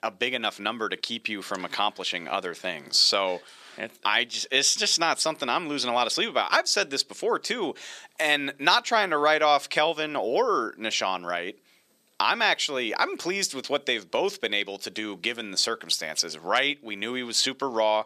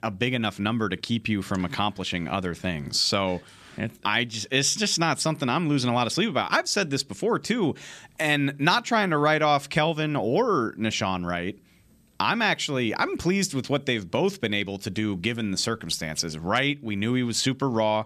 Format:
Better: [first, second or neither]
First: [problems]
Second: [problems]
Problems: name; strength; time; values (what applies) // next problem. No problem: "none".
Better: second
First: thin; somewhat; fading below 500 Hz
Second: none